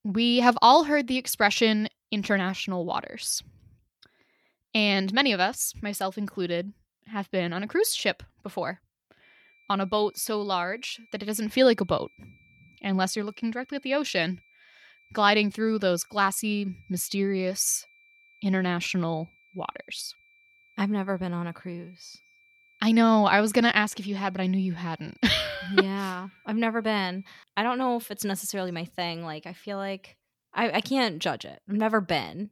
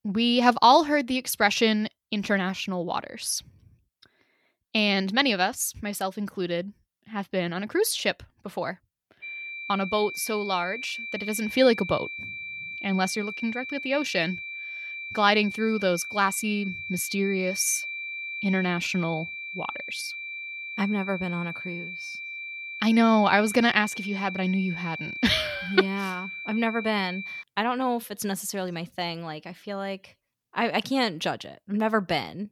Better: first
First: high-pitched whine; faint; from 9 to 27 s; 2.5 kHz, 30 dB below the speech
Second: high-pitched whine; loud; from 9 to 27 s; 2.5 kHz, 8 dB below the speech

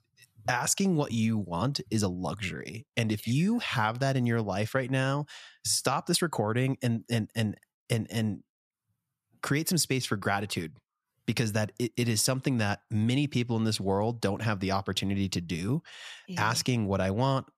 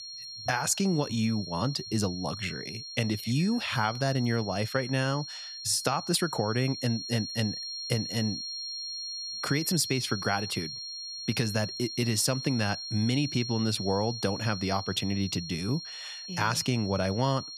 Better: first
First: none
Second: high-pitched whine; loud; throughout; 4 kHz, 7 dB below the speech

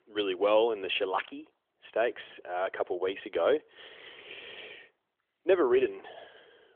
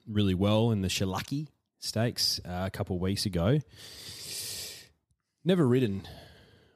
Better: second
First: phone-call audio; nothing above 3.5 kHz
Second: none

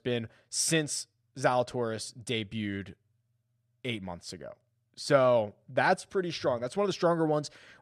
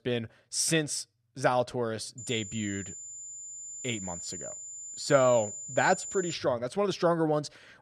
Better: first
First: none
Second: high-pitched whine; loud; from 2 to 6.5 s; 7 kHz, 9 dB below the speech

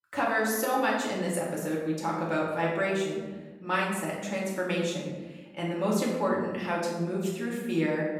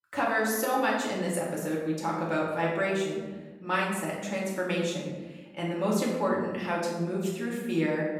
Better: neither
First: room echo; noticeable; dies away in 1 s // off-mic speech; far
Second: room echo; noticeable; dies away in 1 s // off-mic speech; far

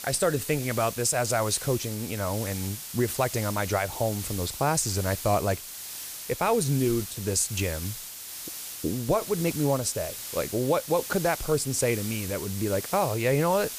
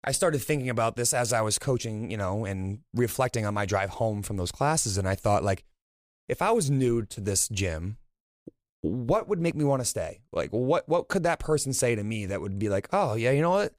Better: second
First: hiss; loud; throughout; 8 dB below the speech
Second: none

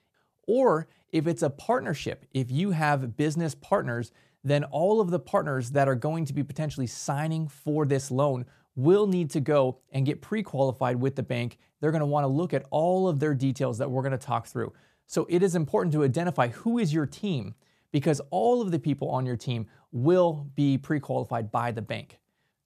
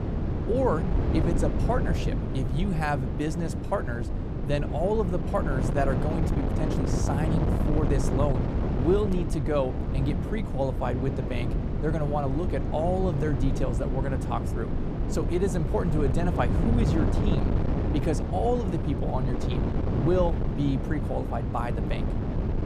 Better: first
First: none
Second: wind noise on the microphone; heavy; 4 dB below the speech

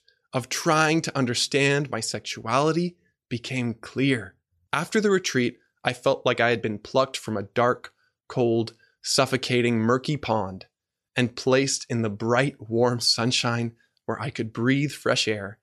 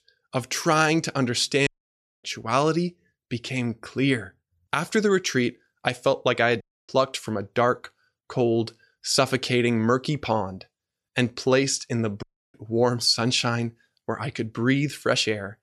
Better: first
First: none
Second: audio cutting out; at 1.5 s for 0.5 s, at 6.5 s and at 12 s

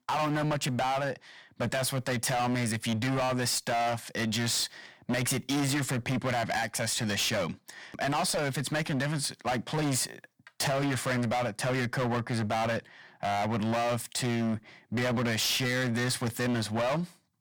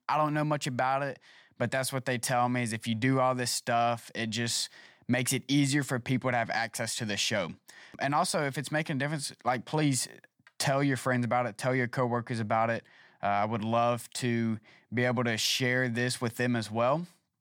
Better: second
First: distortion; heavy; 25% of the sound clipped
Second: none

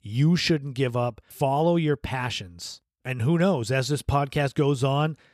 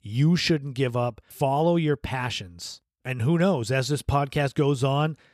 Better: neither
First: none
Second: none

